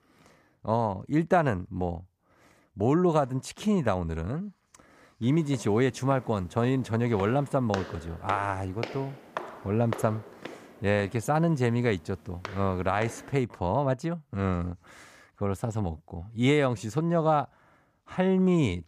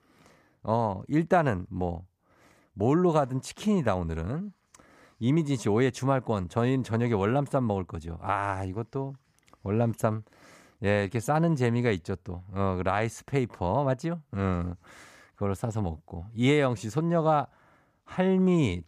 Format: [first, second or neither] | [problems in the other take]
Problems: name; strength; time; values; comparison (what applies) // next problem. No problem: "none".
second | footsteps; noticeable; from 5.5 to 13 s; peak 9 dB below the speech